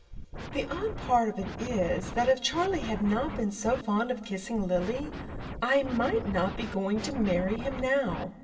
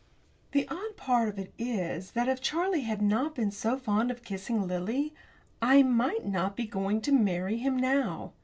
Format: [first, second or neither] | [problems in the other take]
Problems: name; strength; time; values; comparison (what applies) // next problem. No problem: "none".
second | background sound (Scratching (performance technique)); 9 dB below the speech // room echo; dies away in 2.3 s